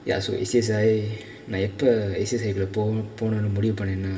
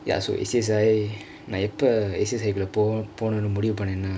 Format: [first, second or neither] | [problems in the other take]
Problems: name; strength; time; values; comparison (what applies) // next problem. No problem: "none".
second | room echo; dies away in 1.9 s